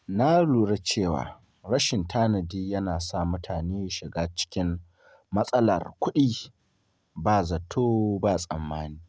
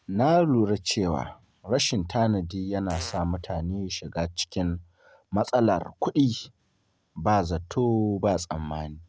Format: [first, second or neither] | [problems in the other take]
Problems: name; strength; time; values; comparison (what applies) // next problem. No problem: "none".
first | background sound (Fart); 18 dB below the speech